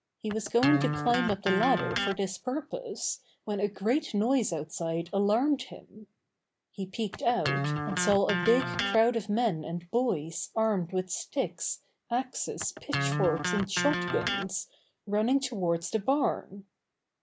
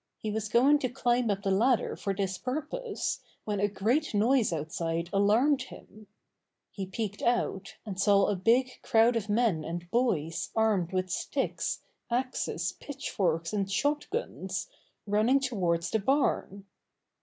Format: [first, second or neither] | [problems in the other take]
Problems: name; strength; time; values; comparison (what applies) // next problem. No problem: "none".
second | background sound (Electric guitar); 3 dB below the speech